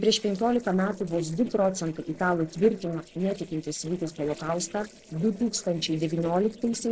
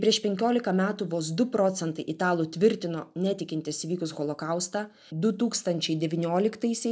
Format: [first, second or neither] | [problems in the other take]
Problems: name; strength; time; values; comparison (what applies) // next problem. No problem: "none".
second | noise reduction (neural separator model SepFormer DNS4)